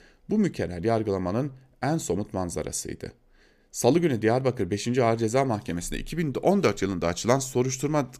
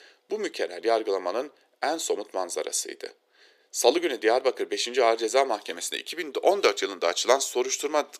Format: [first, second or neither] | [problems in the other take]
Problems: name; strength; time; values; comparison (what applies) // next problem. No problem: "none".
first | thin; very; fading below 400 Hz